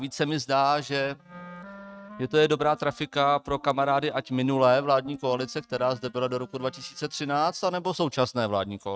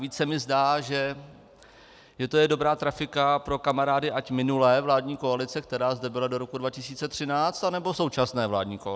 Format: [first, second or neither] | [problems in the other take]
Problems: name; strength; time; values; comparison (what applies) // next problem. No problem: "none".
second | noise reduction (neural mask model RNNoise)